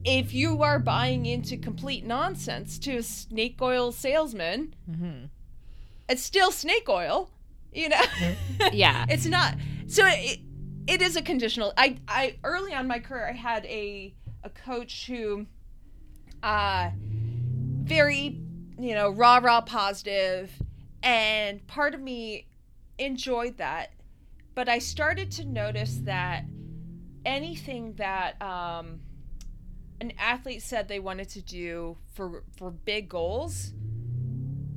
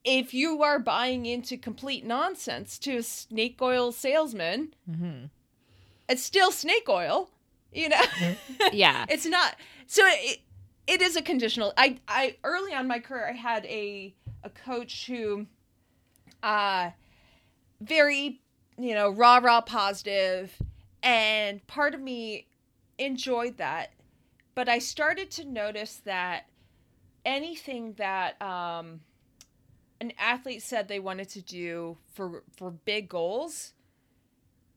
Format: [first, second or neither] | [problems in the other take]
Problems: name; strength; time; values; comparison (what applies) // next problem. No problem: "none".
second | low rumble; faint; throughout; 20 dB below the speech